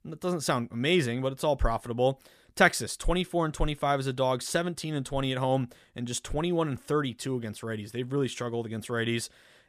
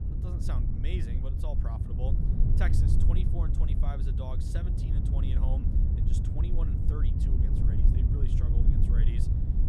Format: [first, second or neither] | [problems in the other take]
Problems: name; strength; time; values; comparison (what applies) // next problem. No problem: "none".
first | wind noise on the microphone; heavy; 2 dB above the speech